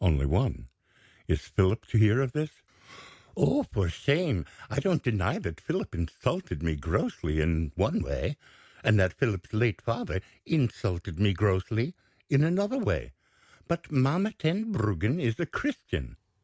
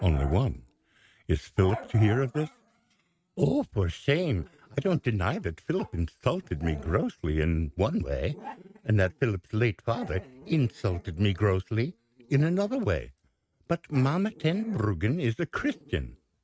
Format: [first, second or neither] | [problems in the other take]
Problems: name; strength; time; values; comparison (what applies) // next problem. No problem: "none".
first | noise reduction (neural mask model RNNoise)